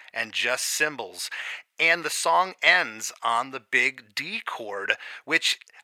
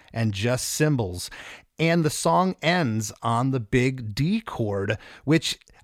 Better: second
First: thin; very; fading below 700 Hz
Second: none

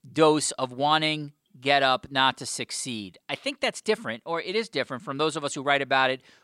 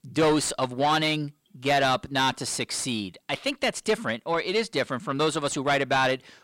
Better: first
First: none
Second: distortion; heavy; 8 dB below the speech

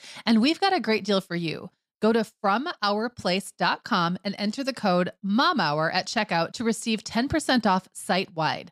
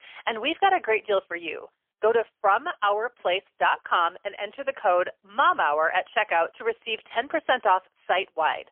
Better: first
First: none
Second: phone-call audio; poor line; nothing above 3.5 kHz

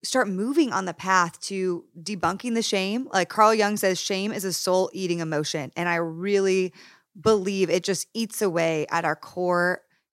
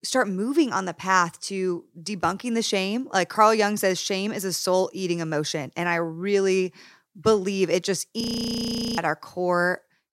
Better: first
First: none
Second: audio freezing; at 8 s for 1 s

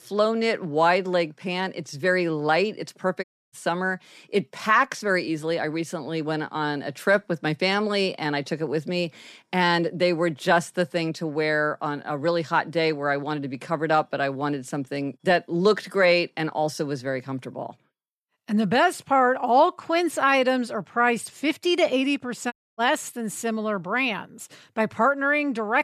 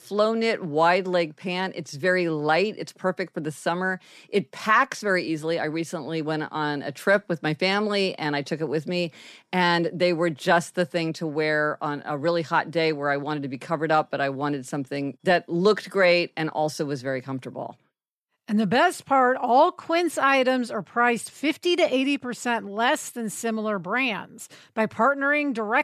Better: second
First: audio cutting out; at 3 s and at 23 s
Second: none

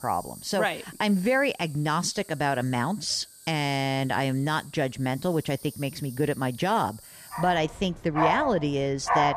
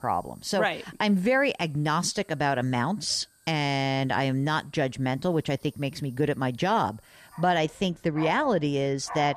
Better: second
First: animal sounds; loud; throughout; 9 dB below the speech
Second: animal sounds; faint; throughout; 20 dB below the speech

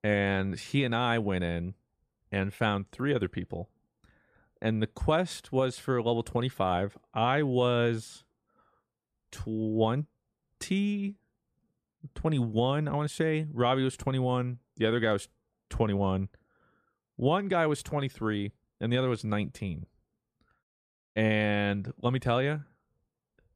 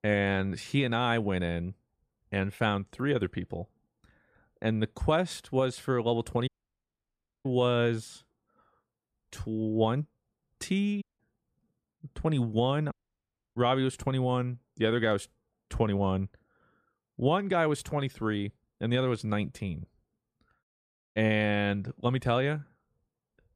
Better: first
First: none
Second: audio cutting out; at 6.5 s for 1 s, at 11 s and at 13 s for 0.5 s

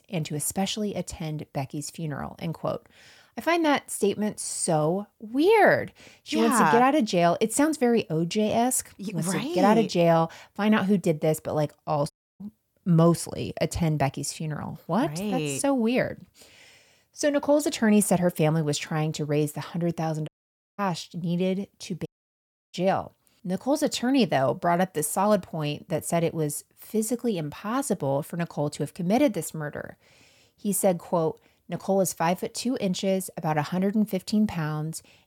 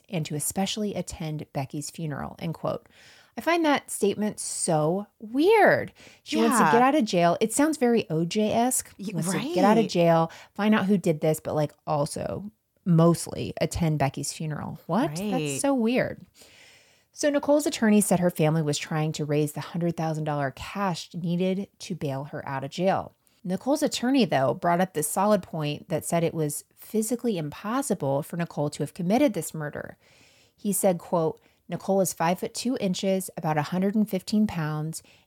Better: second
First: audio cutting out; at 12 s, at 20 s for 0.5 s and at 22 s for 0.5 s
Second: none

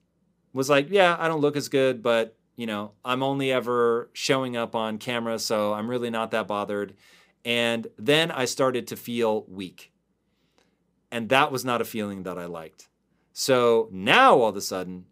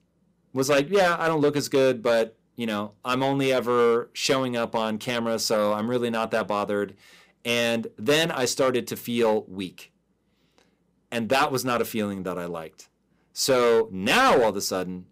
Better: first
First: none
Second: distortion; heavy; 5% of the sound clipped

